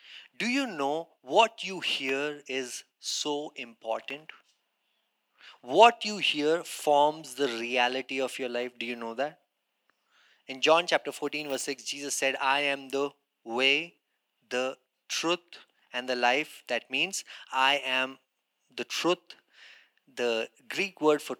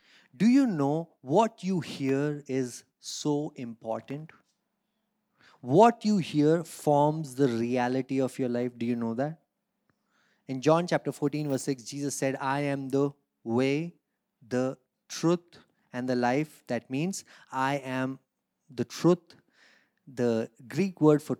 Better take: second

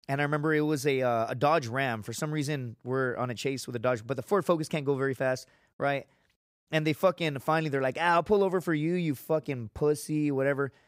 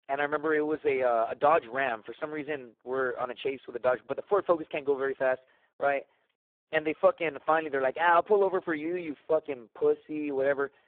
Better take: first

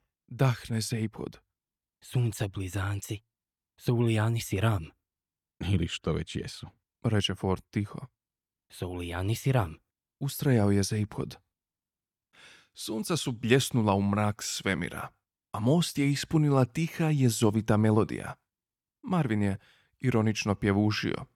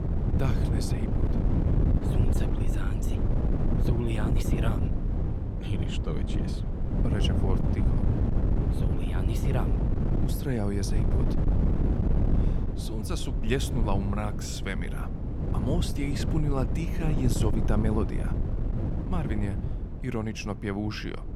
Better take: first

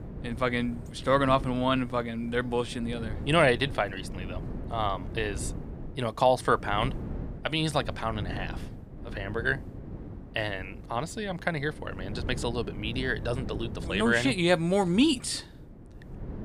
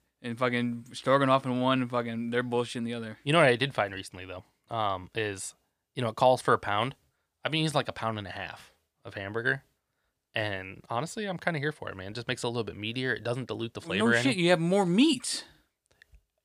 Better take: second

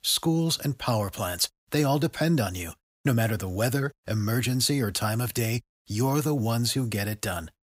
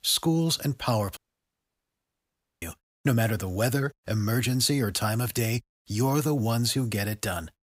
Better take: first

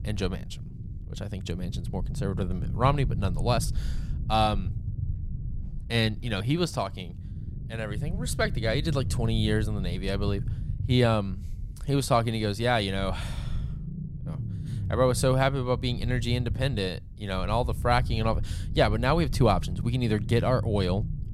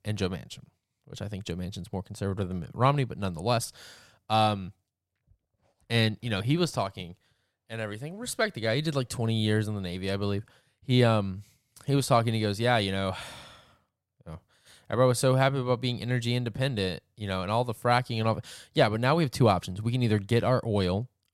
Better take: second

